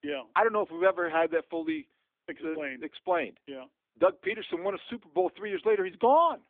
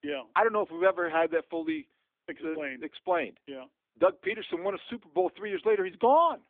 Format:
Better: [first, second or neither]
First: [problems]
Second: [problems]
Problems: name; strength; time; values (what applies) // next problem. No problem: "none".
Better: neither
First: phone-call audio; nothing above 3.5 kHz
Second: phone-call audio; nothing above 3.5 kHz